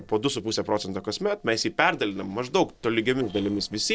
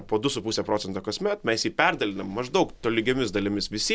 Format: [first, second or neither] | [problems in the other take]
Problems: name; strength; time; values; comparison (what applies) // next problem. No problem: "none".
second | noise reduction (neural separator model SepFormer DNS4)